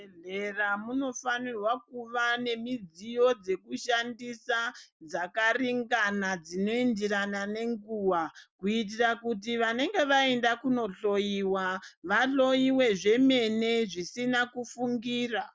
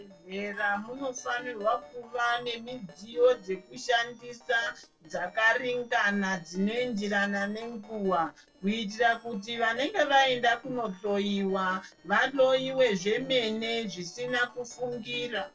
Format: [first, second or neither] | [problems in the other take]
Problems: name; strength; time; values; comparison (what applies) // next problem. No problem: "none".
first | noise reduction (neural separator model SepFormer DNS4)